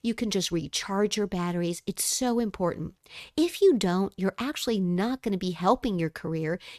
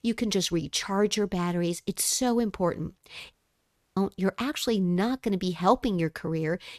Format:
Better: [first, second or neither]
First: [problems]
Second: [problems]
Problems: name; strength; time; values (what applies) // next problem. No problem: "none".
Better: first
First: none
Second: audio cutting out; at 3.5 s for 0.5 s